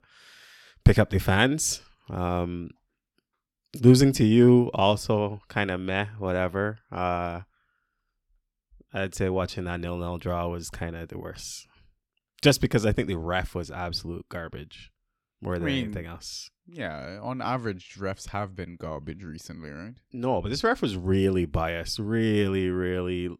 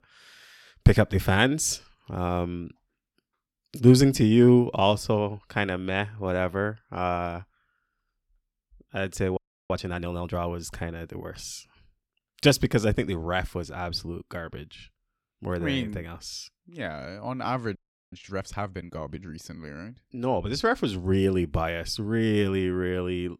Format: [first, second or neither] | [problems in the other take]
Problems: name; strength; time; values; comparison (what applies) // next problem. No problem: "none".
first | audio freezing; at 9.5 s and at 18 s